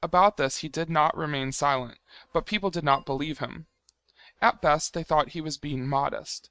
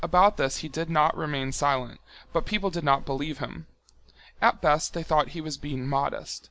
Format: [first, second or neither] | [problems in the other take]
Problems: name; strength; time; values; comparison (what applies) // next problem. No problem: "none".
second | noise reduction (neural mask model RNNoise)